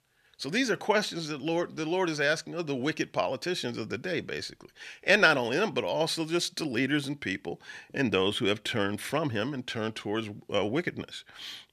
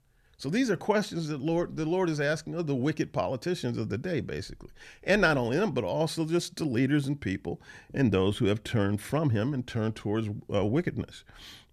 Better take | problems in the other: second | thin; very slightly; fading below 400 Hz

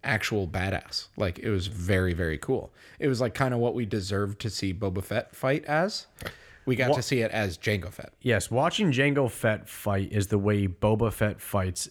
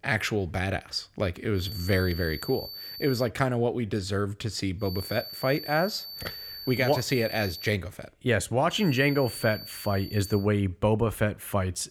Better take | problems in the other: first | high-pitched whine; noticeable; from 1.5 to 3 s, from 5 to 7.5 s and from 8.5 to 10 s; 4.5 kHz, 10 dB below the speech

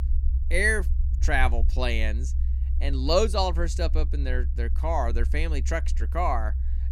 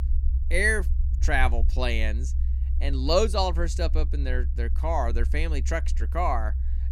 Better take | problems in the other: neither | low rumble; faint; throughout; 20 dB below the speech; the same in both

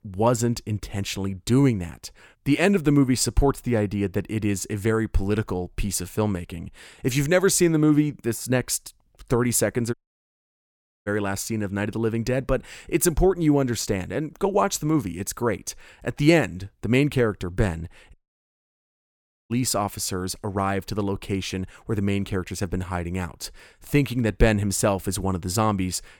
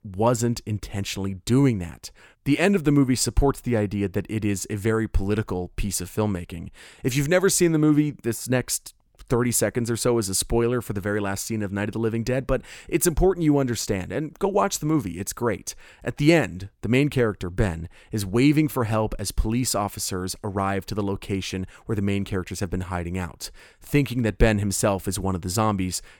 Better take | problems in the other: second | audio cutting out; at 10 s for 1 s and at 18 s for 1.5 s

